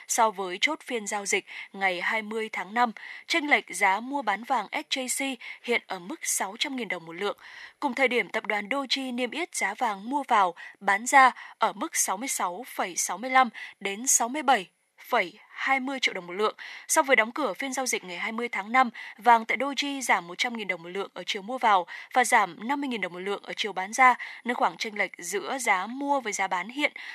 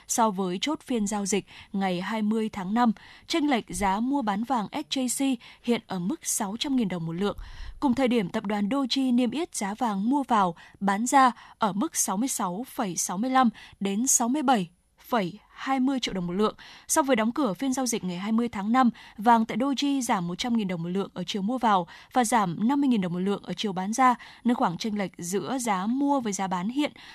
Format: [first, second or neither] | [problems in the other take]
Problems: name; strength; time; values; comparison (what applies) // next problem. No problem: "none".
second | thin; somewhat; fading below 500 Hz